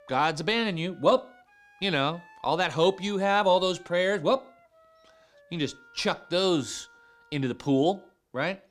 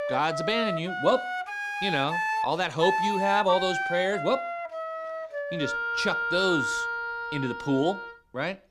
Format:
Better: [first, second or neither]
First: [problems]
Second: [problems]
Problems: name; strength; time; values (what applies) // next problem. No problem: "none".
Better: first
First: background music; faint; throughout; 30 dB below the speech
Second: background music; loud; throughout; 2 dB below the speech